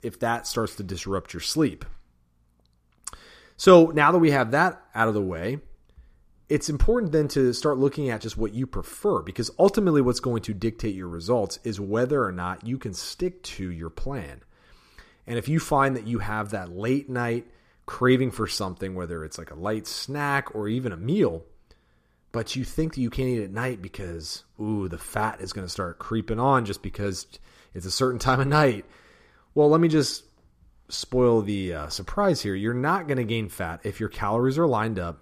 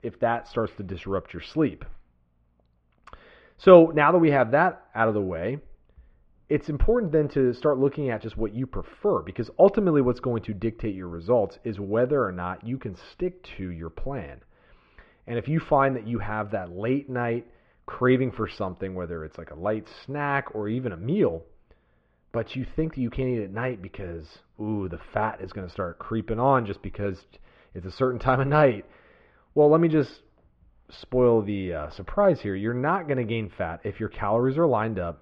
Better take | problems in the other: first | muffled; very; fading above 3 kHz

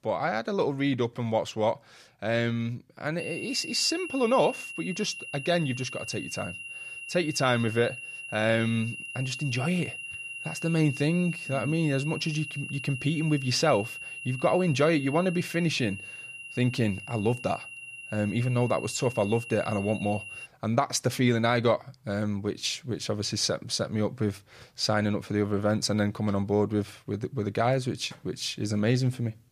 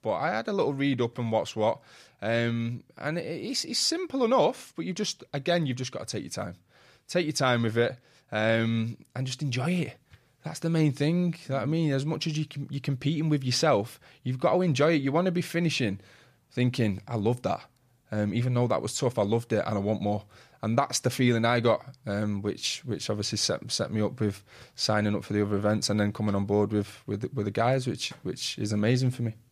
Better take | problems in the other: second | high-pitched whine; loud; from 3 to 20 s; 3 kHz, 9 dB below the speech

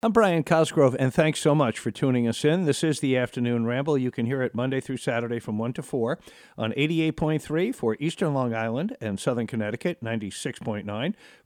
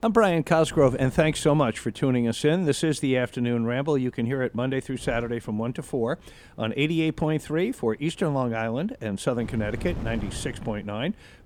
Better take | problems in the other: first | wind noise on the microphone; occasional gusts; 20 dB below the speech

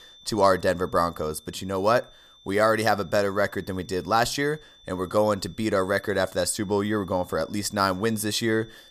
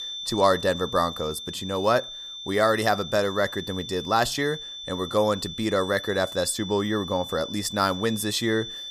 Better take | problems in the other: first | high-pitched whine; loud; throughout; 3.5 kHz, 9 dB below the speech; faint in the first

